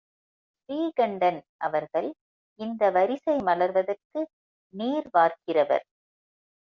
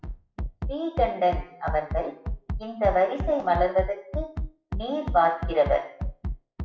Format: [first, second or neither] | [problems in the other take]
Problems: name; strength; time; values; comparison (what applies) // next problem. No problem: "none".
first | noise reduction (classical method WPE with log-MMSE)